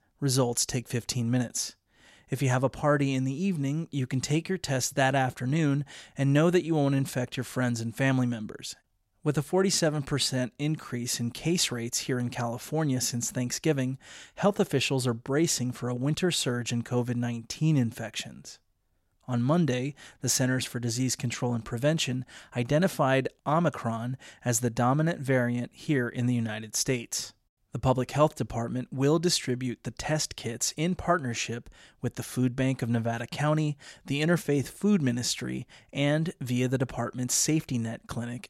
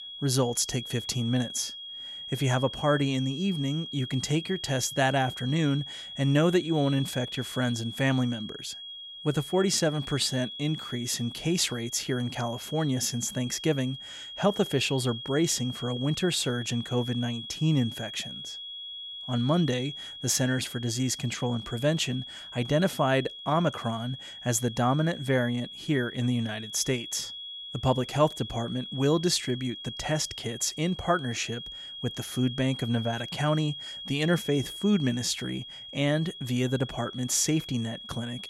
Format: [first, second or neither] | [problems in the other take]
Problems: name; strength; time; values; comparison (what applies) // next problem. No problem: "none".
first | high-pitched whine; loud; throughout; 3.5 kHz, 10 dB below the speech